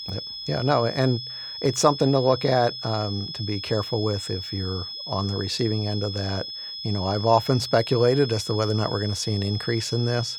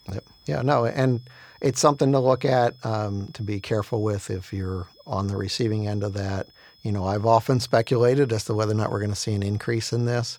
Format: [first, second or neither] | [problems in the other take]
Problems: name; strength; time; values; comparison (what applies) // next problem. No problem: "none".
second | high-pitched whine; loud; throughout; 5 kHz, 7 dB below the speech; faint in the second